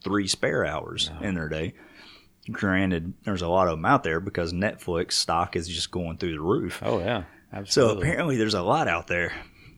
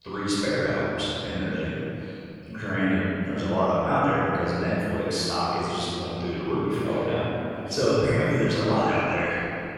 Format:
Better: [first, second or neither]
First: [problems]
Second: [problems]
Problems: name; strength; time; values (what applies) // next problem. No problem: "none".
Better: first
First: none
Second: off-mic speech; far // room echo; strong; dies away in 2.5 s